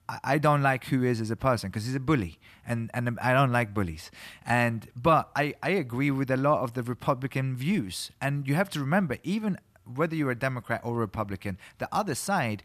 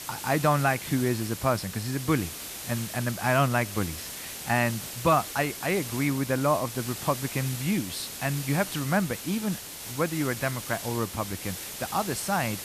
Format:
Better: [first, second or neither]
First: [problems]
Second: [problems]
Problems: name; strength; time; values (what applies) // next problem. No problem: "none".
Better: first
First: none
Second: hiss; loud; throughout; 8 dB below the speech